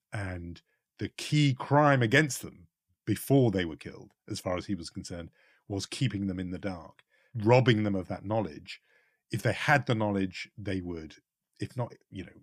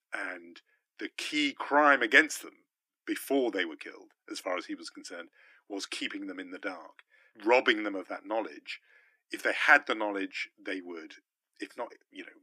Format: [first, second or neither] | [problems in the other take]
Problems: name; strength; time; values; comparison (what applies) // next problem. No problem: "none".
first | thin; somewhat; fading below 300 Hz